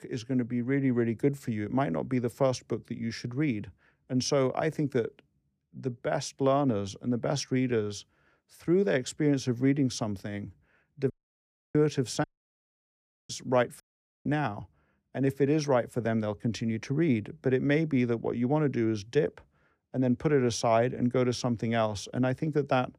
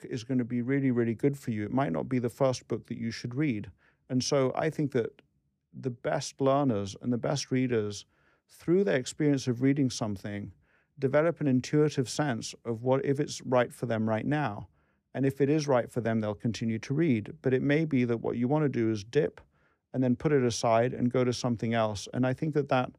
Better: second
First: audio cutting out; at 11 s for 0.5 s, at 12 s for 1 s and at 14 s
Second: none

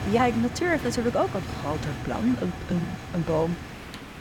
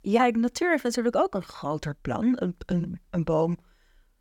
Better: second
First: hiss; loud; throughout; 8 dB below the speech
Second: none

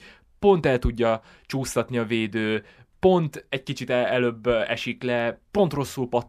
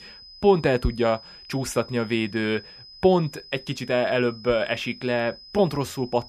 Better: first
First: none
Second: high-pitched whine; noticeable; throughout; 5 kHz, 20 dB below the speech

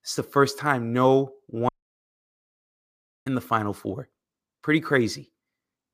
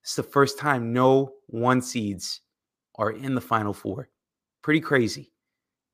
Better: second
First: audio cutting out; at 1.5 s for 1.5 s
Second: none

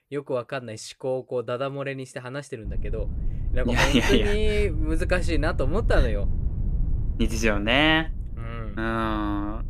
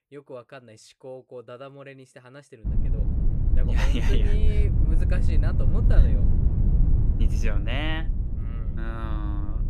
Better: first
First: low rumble; faint; from 2.5 s on; 20 dB below the speech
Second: low rumble; loud; from 2.5 s on; 4 dB below the speech

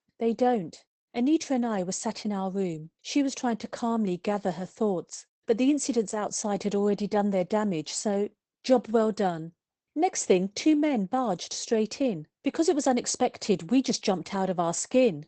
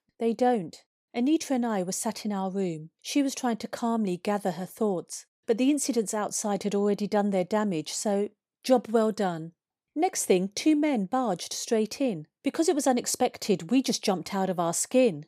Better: second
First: garbled, watery; badly; nothing above 8 kHz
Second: none

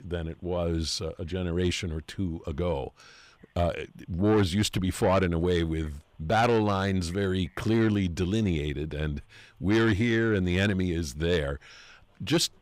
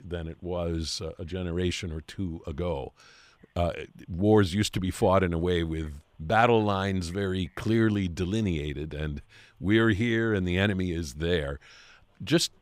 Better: second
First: distortion; slight; 10 dB below the speech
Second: none

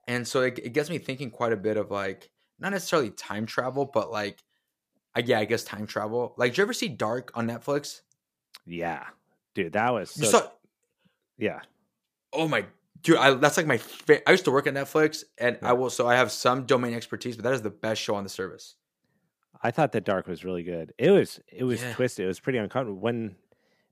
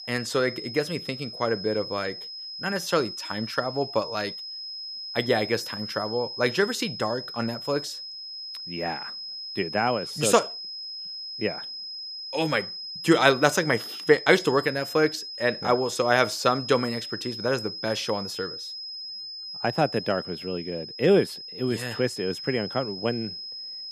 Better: first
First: none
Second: high-pitched whine; loud; throughout; 5 kHz, 8 dB below the speech

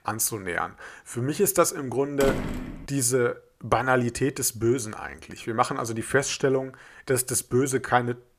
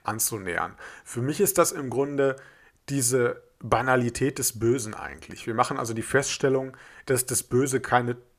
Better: second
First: door banging; noticeable; at 2 s; peak 4 dB below the speech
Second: none

